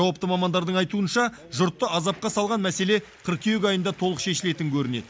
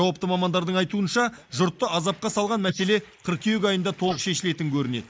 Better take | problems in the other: first | noise reduction (neural mask model Resemble Enhance denoiser)

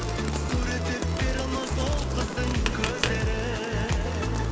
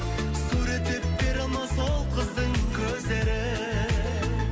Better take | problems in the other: second | background sound (Rain + Tap); 7 dB below the speech

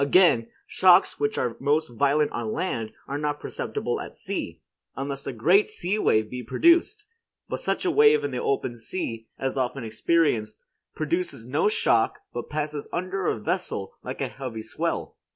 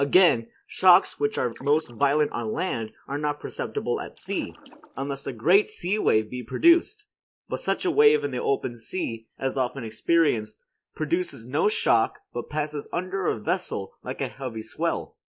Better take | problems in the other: first | noise reduction (neural mask model Resemble Enhance denoiser)

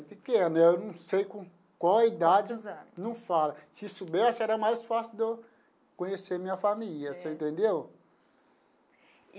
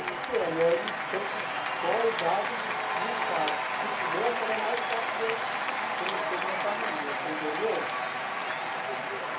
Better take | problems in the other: first | background sound (Applause / Cheering); 2 dB above the speech // room echo; dies away in 0.3 s

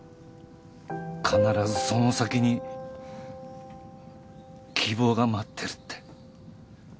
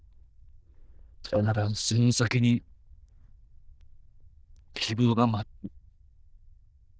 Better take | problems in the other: first | noise reduction (neural diffusion model UNIVERSE++)

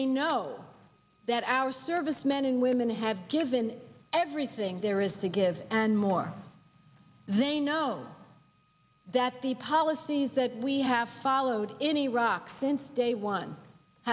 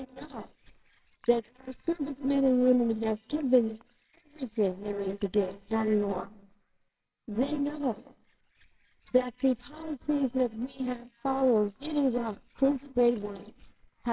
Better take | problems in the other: first | noise reduction (neural separator model SepFormer WHAMR!)

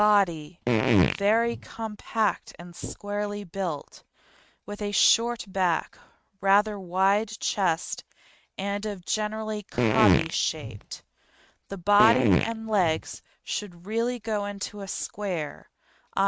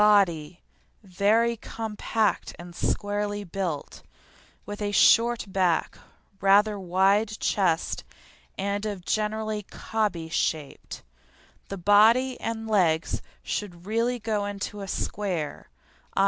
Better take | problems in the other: second | noise reduction (neural mask model RNNoise)

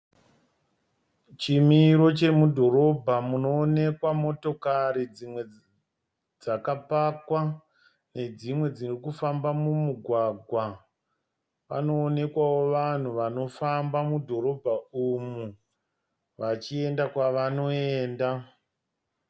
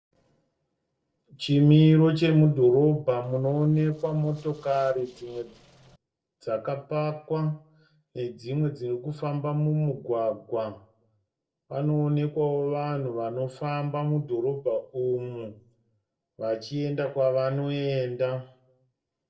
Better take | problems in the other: first | noise reduction (neural separator model SepFormer DNS4)

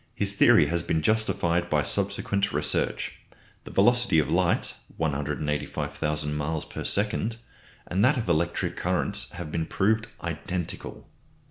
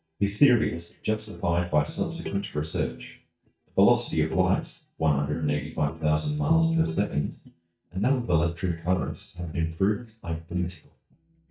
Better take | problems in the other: first | noise reduction (neural mask model DeepFilterNet 3)

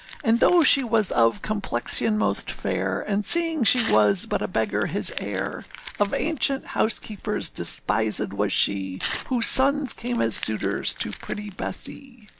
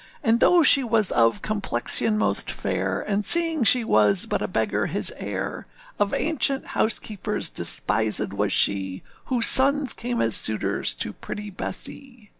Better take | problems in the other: second | background sound (Crumpling, crinkling / Tearing); 17 dB below the speech

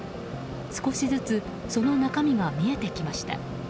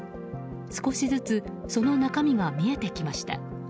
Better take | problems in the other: second | background sound (Mechanisms); 12 dB below the speech

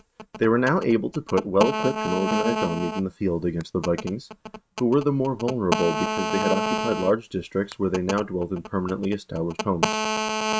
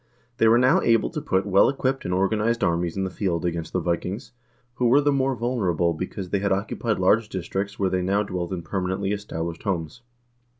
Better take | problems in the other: second | noise reduction (neural mask model RNNoise)

